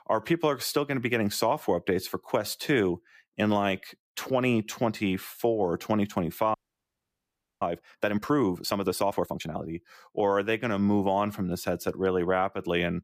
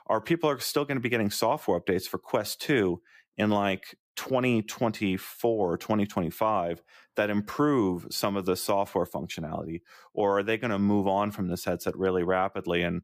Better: second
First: audio freezing; at 6.5 s for 1 s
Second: none

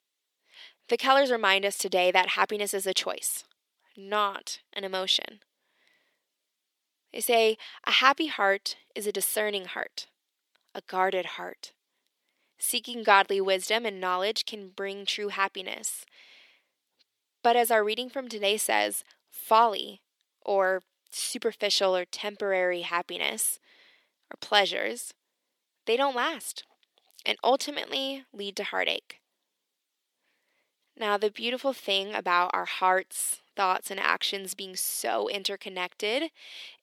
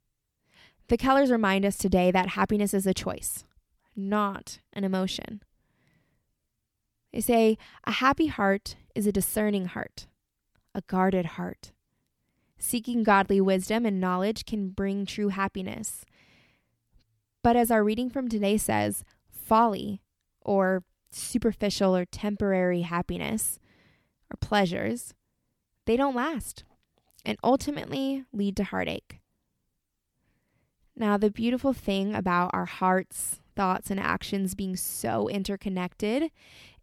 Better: second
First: thin; very; fading below 400 Hz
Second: none

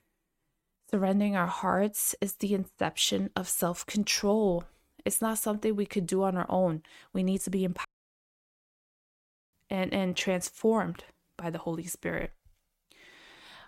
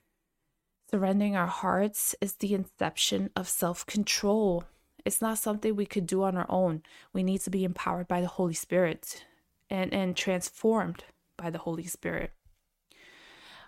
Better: second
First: audio cutting out; at 8 s for 1.5 s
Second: none

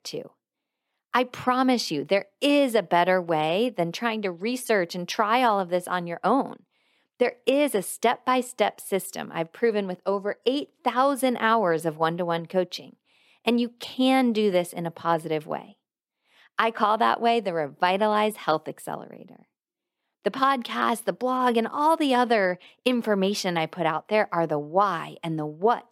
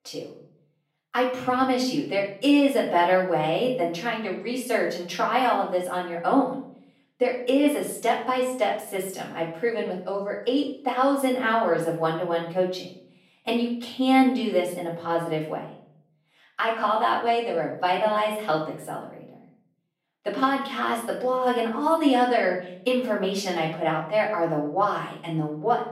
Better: first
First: none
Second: off-mic speech; far // room echo; noticeable; dies away in 0.6 s

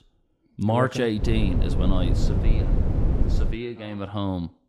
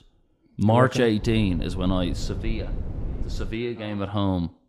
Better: second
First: wind noise on the microphone; heavy; from 1 to 3.5 s; 6 dB below the speech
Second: wind noise on the microphone; occasional gusts; from 1 to 3.5 s; 20 dB below the speech

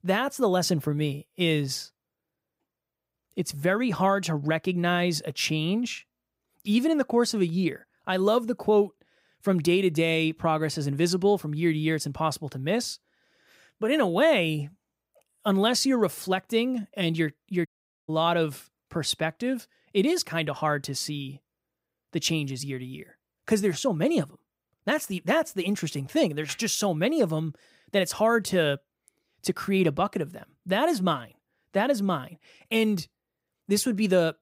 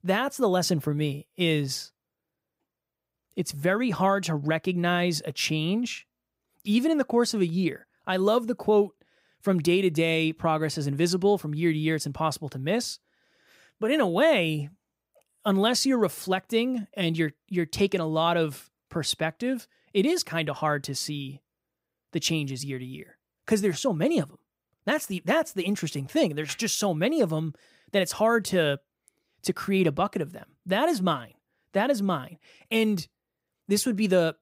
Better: second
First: audio cutting out; at 18 s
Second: none

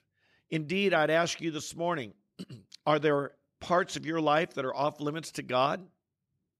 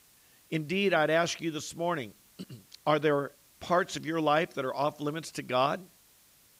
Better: first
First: none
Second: hiss; faint; throughout; 30 dB below the speech

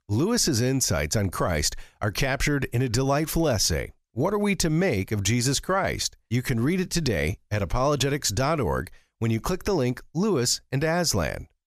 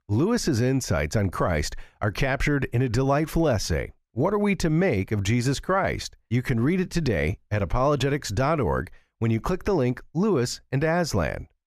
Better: first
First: none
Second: muffled; slightly; fading above 3.5 kHz

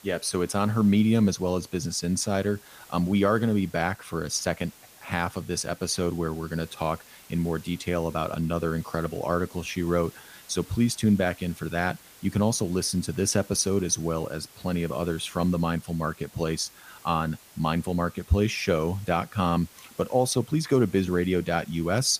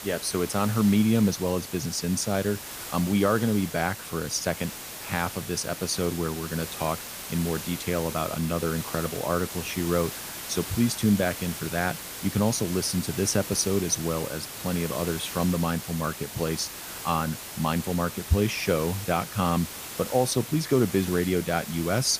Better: first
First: hiss; faint; throughout; 20 dB below the speech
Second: hiss; loud; throughout; 9 dB below the speech

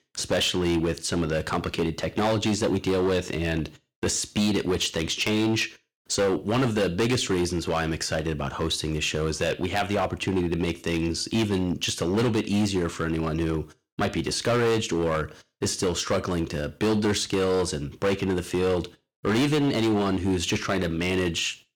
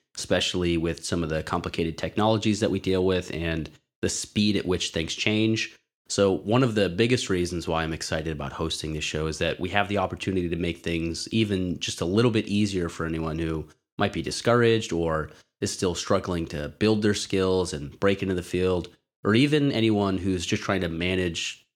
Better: second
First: distortion; heavy; 12% of the sound clipped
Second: none

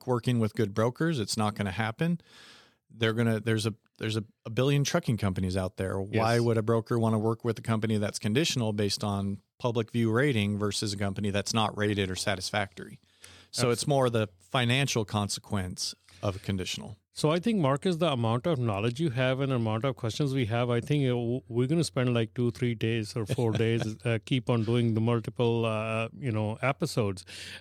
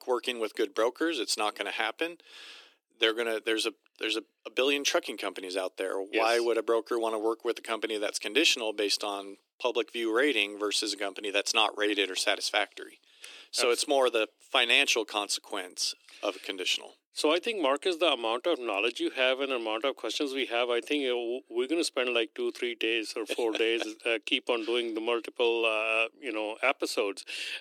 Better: first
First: none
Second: thin; very; fading below 300 Hz

